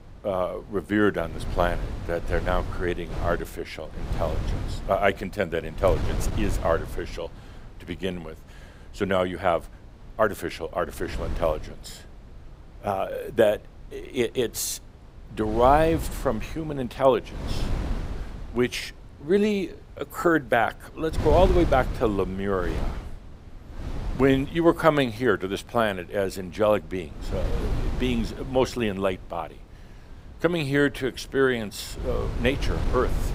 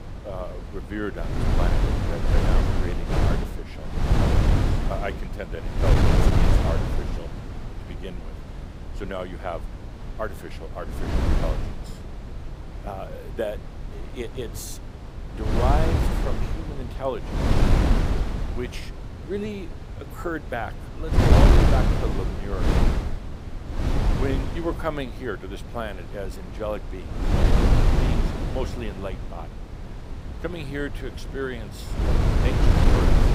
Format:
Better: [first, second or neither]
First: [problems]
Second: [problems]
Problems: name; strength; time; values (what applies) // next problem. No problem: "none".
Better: first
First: wind noise on the microphone; occasional gusts; 15 dB below the speech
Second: wind noise on the microphone; heavy; 3 dB above the speech